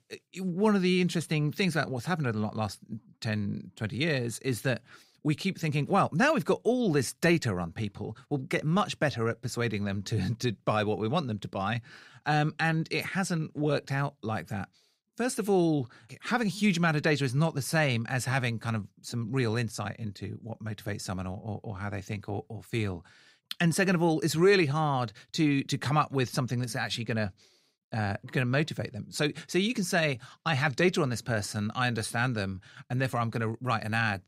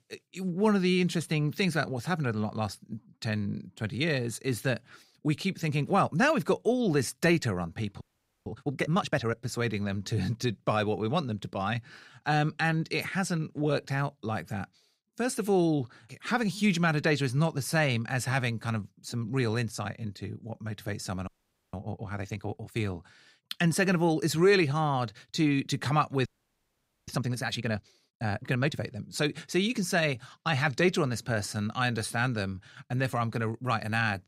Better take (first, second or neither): first